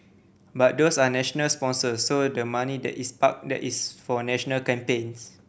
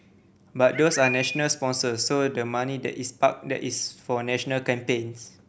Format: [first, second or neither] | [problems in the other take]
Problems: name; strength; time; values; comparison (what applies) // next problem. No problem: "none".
first | background sound (Bird); 5 dB below the speech